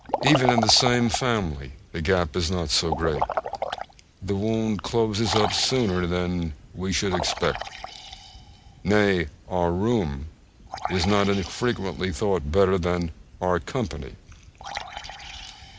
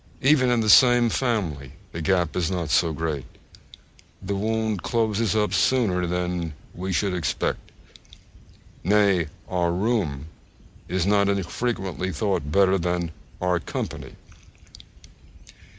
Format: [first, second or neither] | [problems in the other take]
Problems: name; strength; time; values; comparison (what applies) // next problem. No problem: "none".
second | background sound (Liquid); 9 dB below the speech